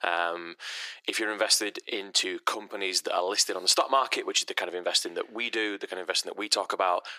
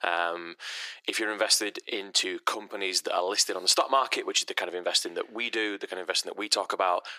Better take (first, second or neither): neither